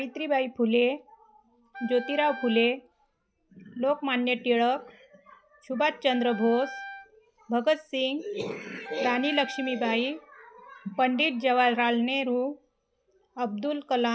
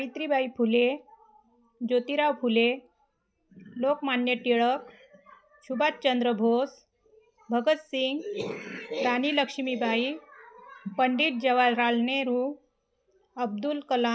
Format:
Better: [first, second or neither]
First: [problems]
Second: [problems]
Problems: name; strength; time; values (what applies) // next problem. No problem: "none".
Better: second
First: background sound (Wind instrument, woodwind instrument); 15 dB below the speech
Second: none